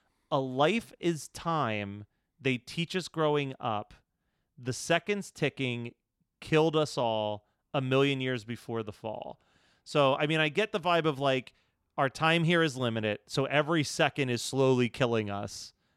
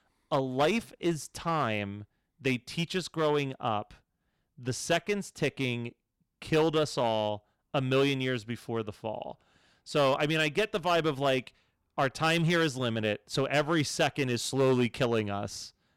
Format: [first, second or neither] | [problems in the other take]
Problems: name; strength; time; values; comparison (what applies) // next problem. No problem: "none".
first | distortion; slight; 4% of the sound clipped